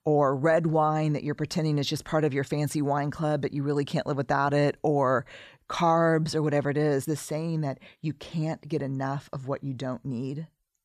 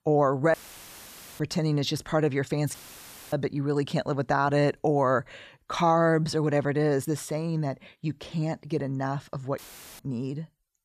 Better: first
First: none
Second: audio cutting out; filled with static; at 0.5 s for 1 s, at 2.5 s for 0.5 s and at 9.5 s

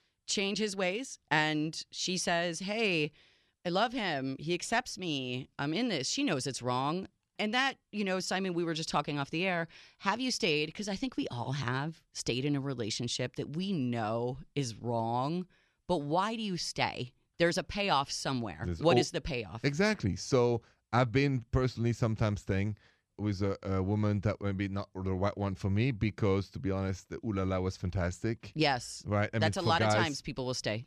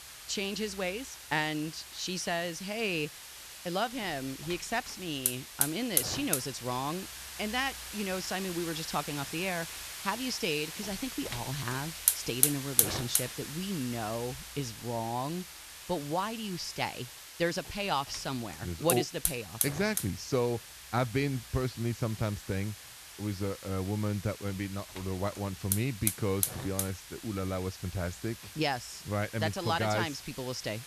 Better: first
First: none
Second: hiss; loud; throughout; 2 dB below the speech

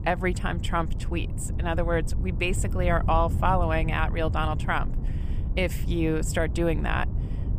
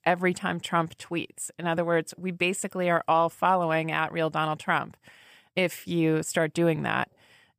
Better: second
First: wind noise on the microphone; occasional gusts; 15 dB below the speech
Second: none

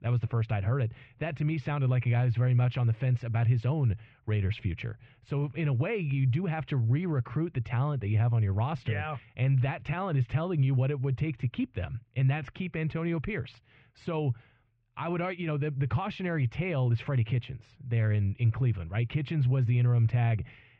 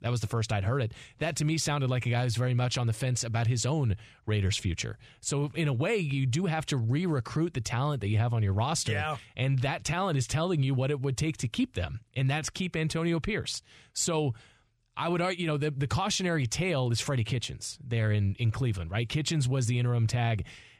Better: second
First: muffled; very; fading above 2.5 kHz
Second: none

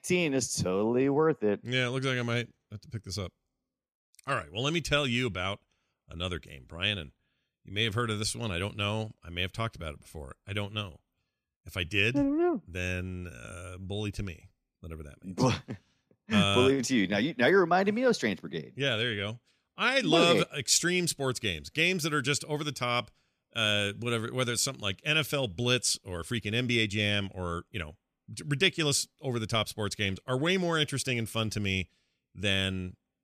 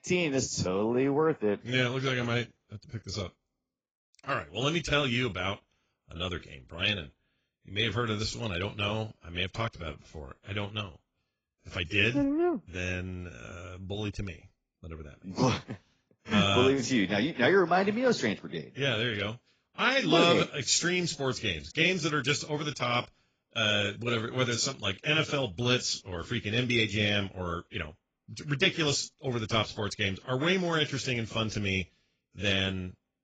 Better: first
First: none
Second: garbled, watery; badly; nothing above 7.5 kHz

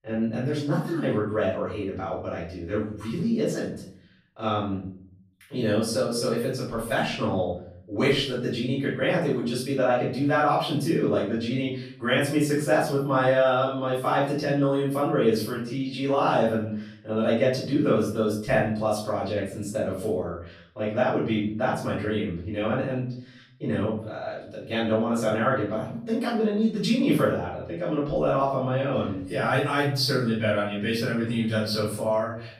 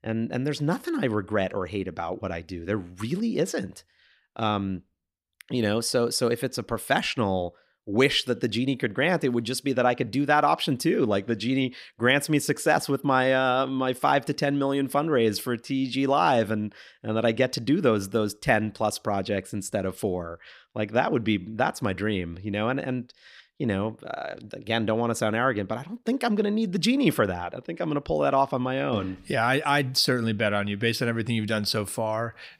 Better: second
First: room echo; noticeable; dies away in 0.5 s // off-mic speech; far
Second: none

